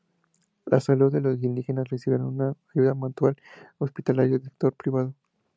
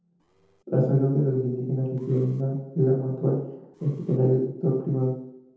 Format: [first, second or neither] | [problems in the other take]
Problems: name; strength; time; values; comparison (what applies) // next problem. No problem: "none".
first | noise reduction (neural separator model SepFormer DNS4)